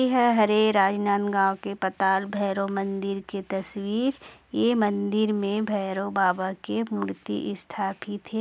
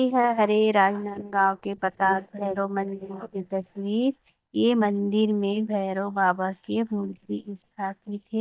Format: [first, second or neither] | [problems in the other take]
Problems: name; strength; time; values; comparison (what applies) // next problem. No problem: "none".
first | noise reduction (neural mask model DeepFilterNet 3)